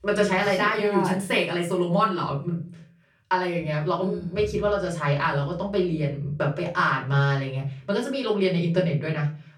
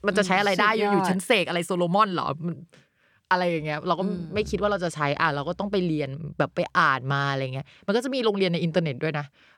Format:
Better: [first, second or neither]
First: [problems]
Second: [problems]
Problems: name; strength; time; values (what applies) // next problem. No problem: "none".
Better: second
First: off-mic speech; far // room echo; slight; dies away in 0.4 s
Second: none